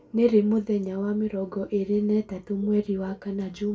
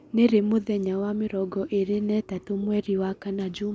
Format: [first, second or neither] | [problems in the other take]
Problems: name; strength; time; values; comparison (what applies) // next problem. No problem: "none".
second | room echo; dies away in 0.2 s